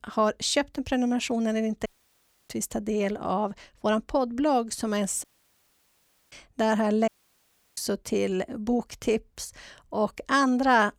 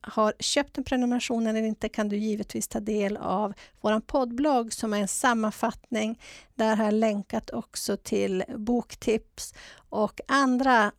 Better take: second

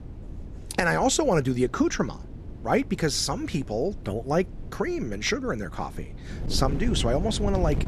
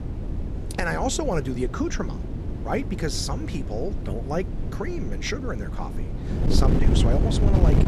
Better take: first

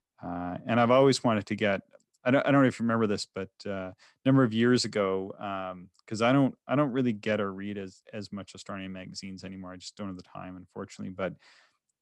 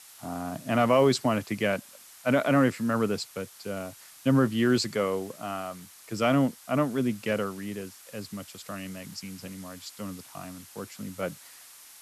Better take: first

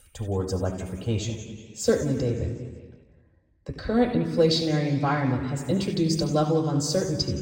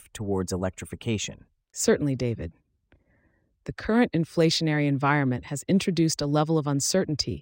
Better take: second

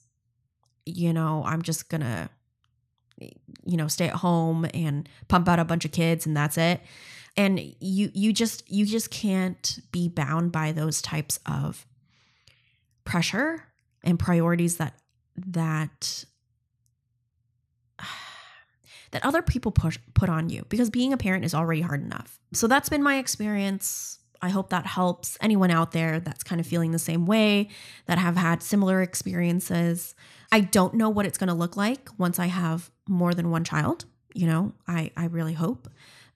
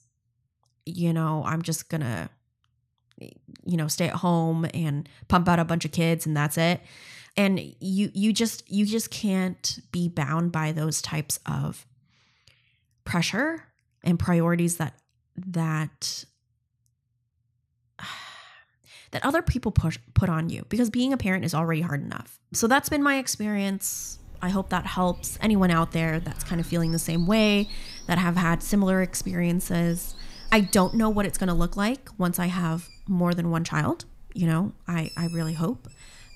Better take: first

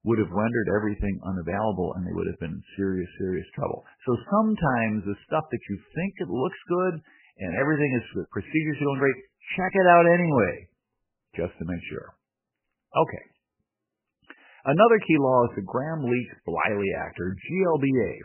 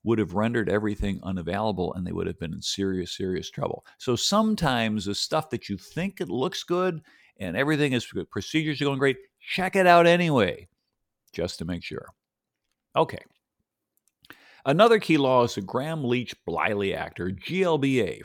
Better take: second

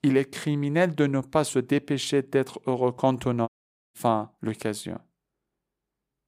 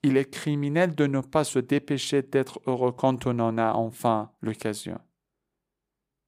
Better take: second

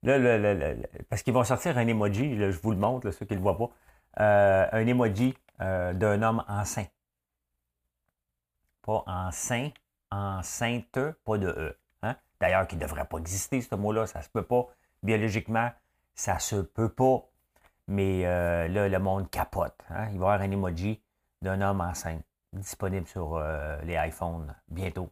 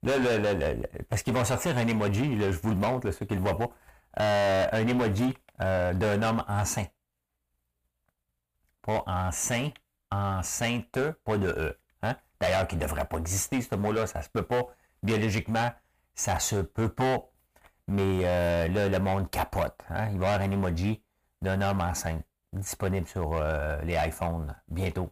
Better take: first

